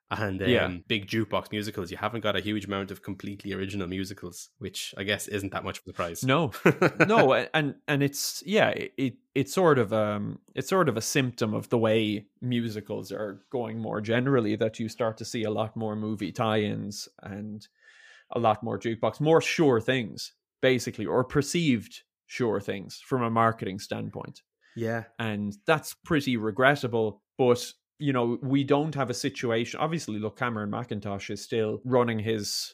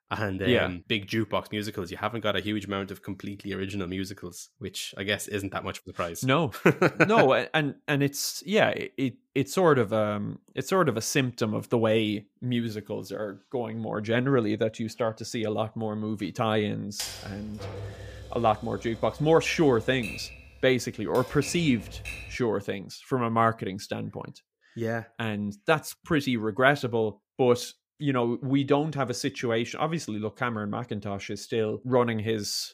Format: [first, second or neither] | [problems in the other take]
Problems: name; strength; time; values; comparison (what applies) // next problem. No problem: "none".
first | keyboard typing; noticeable; from 17 to 22 s; peak 8 dB below the speech